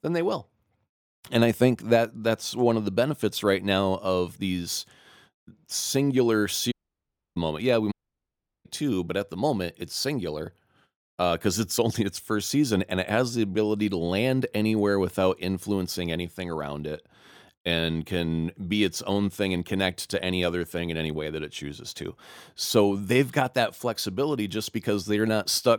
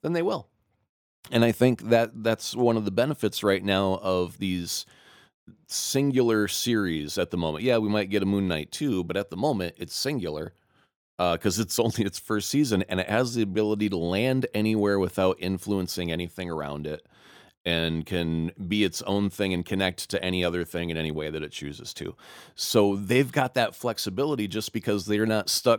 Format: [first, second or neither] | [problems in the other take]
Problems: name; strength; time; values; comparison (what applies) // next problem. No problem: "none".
second | audio cutting out; at 6.5 s for 0.5 s and at 8 s for 0.5 s